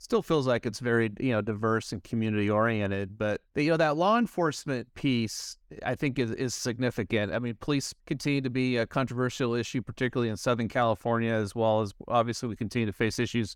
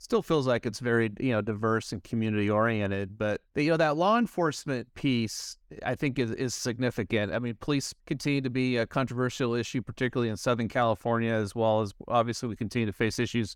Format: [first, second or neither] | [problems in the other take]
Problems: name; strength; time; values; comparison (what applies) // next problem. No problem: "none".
neither | none